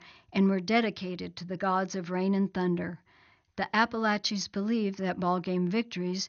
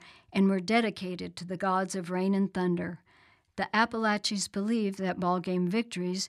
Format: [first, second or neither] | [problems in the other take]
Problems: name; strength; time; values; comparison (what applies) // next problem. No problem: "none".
second | garbled, watery; slightly; nothing above 6.5 kHz